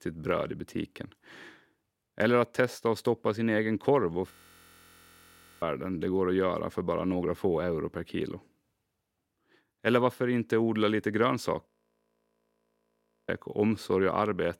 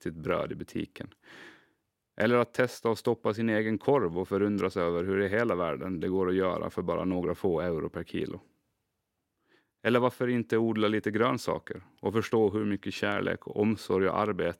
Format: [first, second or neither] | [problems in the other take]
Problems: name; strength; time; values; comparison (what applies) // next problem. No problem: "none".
second | audio freezing; at 4.5 s for 1.5 s and at 12 s for 1.5 s